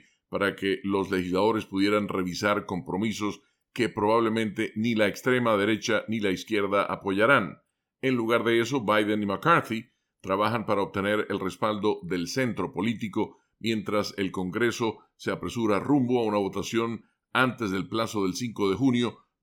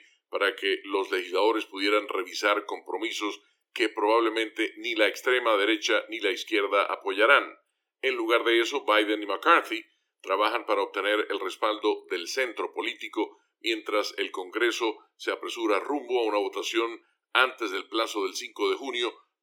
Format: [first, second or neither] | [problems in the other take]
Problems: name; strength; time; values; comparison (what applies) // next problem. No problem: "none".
first | thin; very; fading below 300 Hz